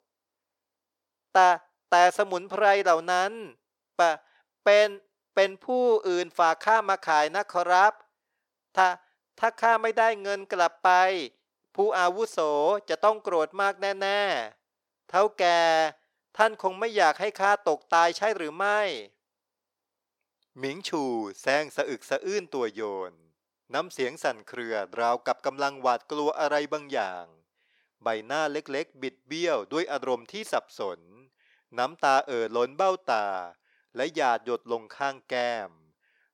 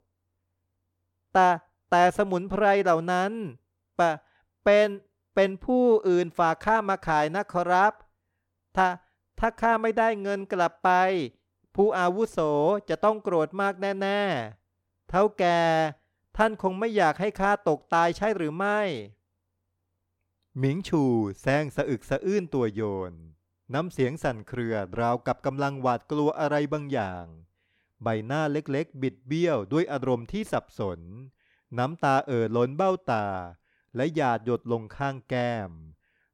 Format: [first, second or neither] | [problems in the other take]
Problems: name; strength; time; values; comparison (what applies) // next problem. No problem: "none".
second | thin; somewhat; fading below 500 Hz